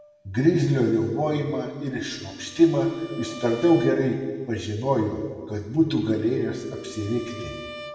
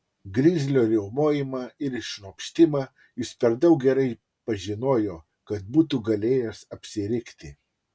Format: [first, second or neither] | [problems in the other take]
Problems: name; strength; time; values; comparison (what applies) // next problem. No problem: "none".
second | background sound (Bowed string instrument); 20 dB below the speech // room echo; dies away in 1.5 s